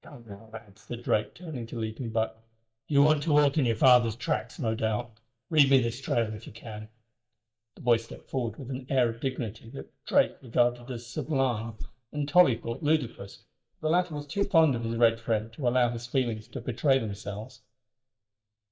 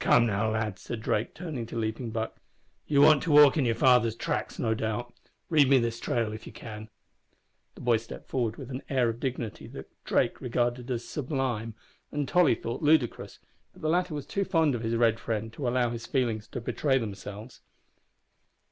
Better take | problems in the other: second | noise reduction (neural mask model DeepFilterNet 3)

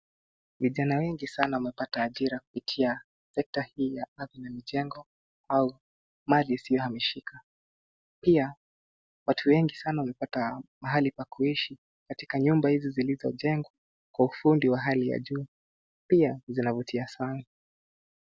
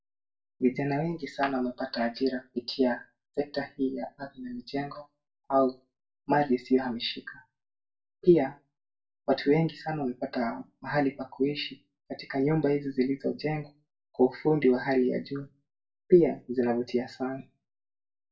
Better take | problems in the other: first | room echo; dies away in 0.2 s

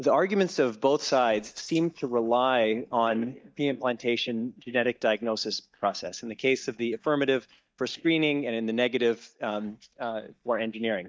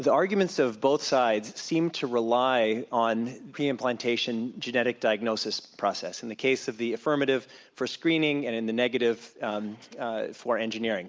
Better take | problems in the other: second | noise reduction (neural mask model DeepFilterNet 3)

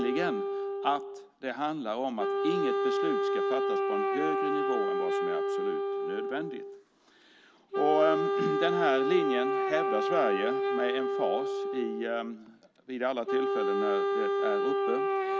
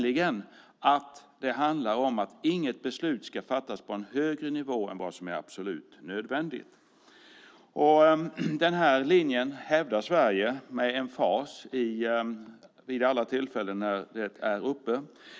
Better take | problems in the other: second | background sound (Wind instrument, woodwind instrument); 3 dB above the speech

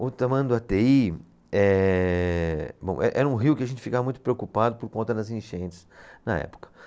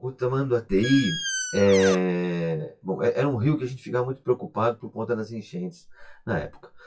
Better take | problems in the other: first | noise reduction (classical method WPE with log-MMSE)

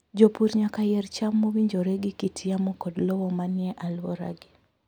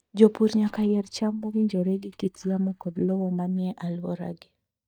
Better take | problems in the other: first | noise reduction (neural mask model DeepFilterNet 3)

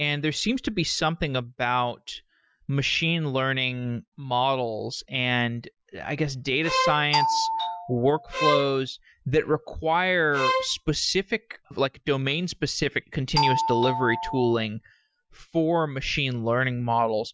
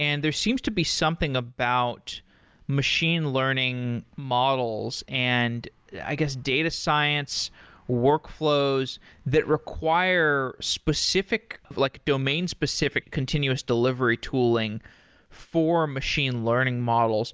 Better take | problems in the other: second | noise reduction (classical method Wiener filter)

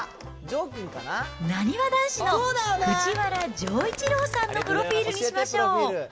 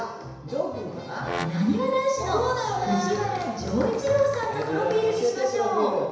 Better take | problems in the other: first | background sound (Brass instrument); 13 dB below the speech // room echo; dies away in 1 s

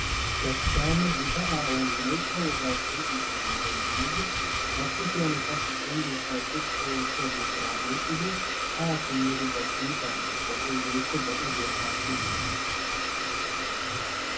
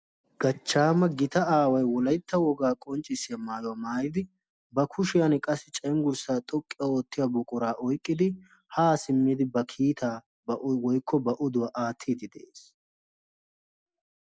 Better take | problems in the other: second | background sound (Domestic sounds, home sounds); 5 dB above the speech // room echo; dies away in 0.3 s

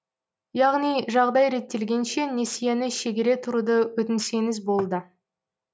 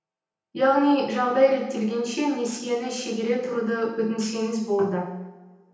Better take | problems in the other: first | room echo; dies away in 0.9 s

